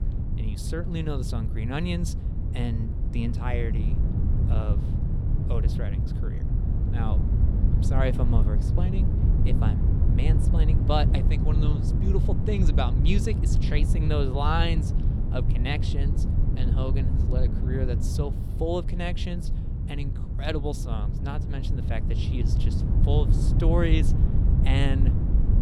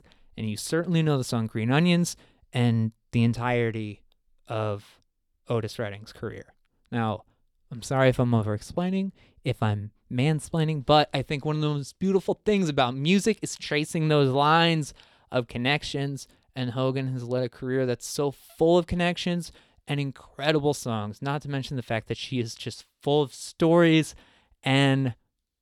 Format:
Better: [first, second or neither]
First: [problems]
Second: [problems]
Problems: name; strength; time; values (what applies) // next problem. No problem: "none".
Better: second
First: wind noise on the microphone; heavy; 5 dB below the speech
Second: none